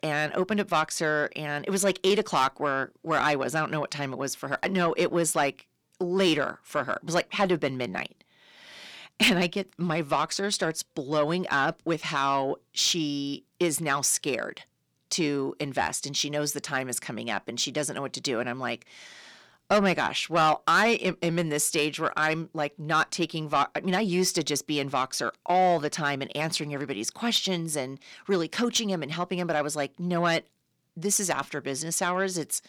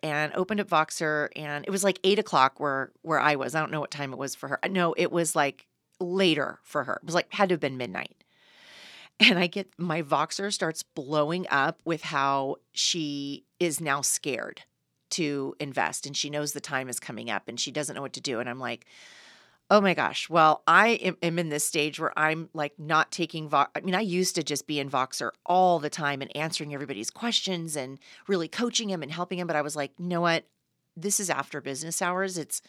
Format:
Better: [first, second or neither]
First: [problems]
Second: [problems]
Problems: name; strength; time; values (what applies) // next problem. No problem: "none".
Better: second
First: distortion; slight; 10 dB below the speech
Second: none